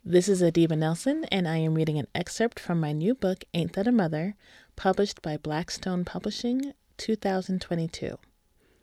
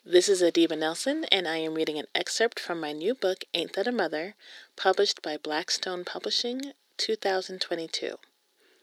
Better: first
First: none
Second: thin; somewhat; fading below 350 Hz

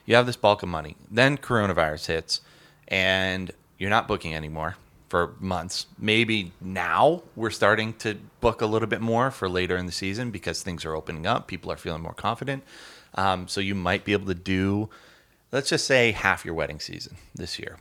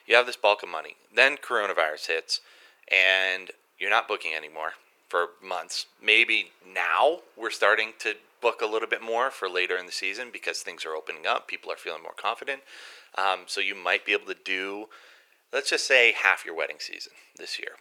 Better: first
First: none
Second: thin; very; fading below 400 Hz

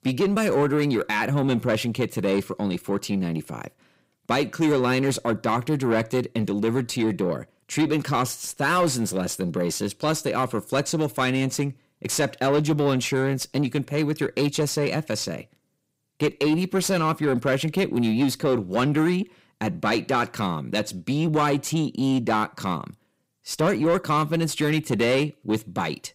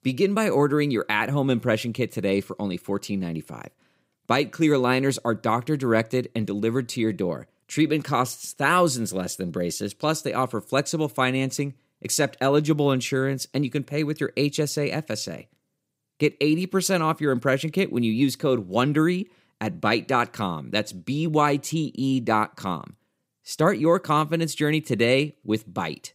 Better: second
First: distortion; slight; 10 dB below the speech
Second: none

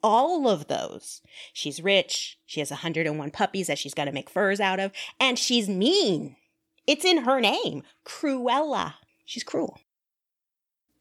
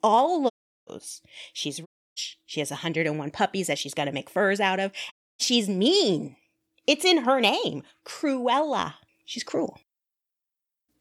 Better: first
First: none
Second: audio cutting out; at 0.5 s, at 2 s and at 5 s

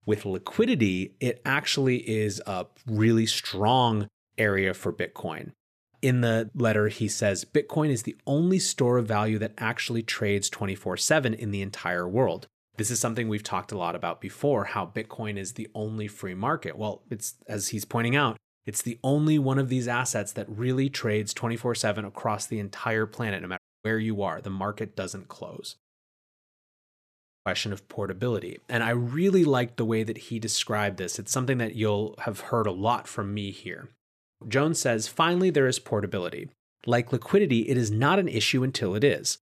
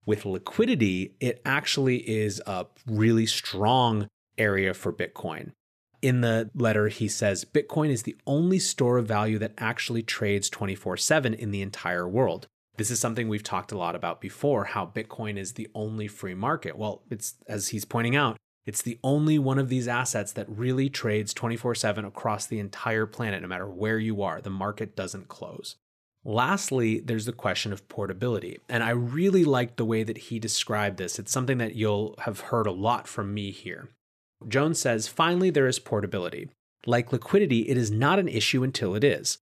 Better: second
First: audio cutting out; at 24 s and at 26 s for 1.5 s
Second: none

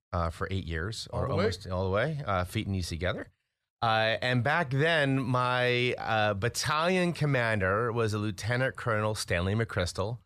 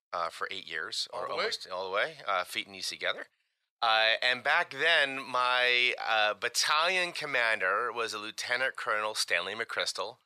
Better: first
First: none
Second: thin; very; fading below 650 Hz

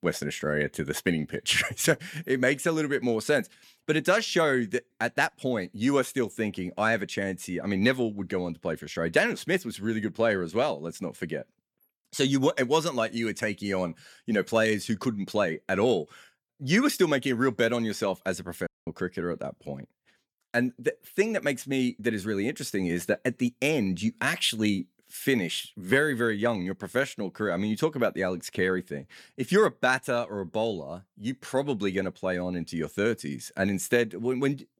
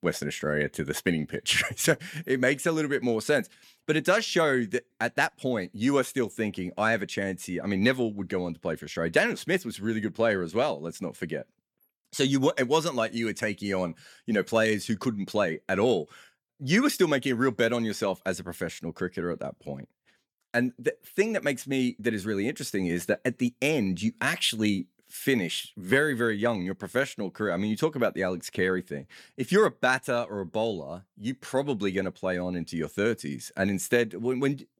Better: second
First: audio cutting out; at 19 s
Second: none

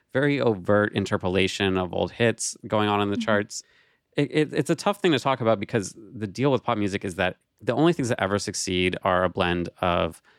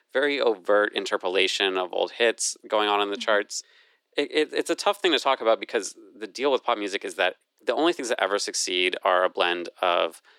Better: first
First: none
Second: thin; somewhat; fading below 350 Hz

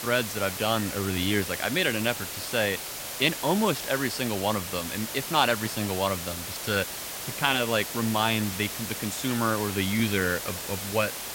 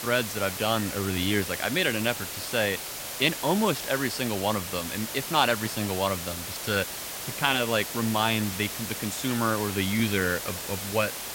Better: neither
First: hiss; loud; throughout; 6 dB below the speech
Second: hiss; loud; throughout; 6 dB below the speech

